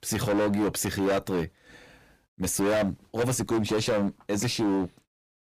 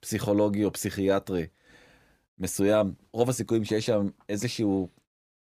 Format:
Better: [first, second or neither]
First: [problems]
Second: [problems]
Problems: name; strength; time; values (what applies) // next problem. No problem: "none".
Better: second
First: distortion; heavy; 16% of the sound clipped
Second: none